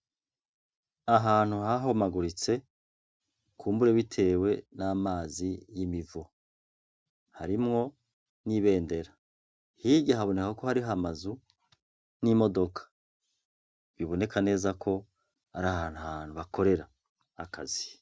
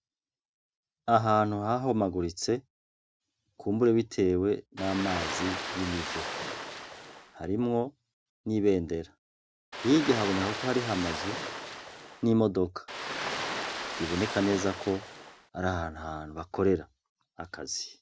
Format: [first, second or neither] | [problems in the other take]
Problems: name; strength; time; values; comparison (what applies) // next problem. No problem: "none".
first | background sound (Ocean); 6 dB below the speech